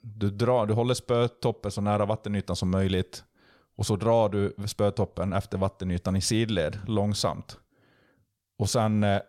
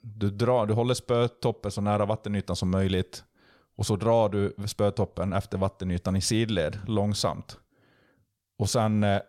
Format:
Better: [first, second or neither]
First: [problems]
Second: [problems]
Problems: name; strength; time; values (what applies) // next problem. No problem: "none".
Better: neither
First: none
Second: none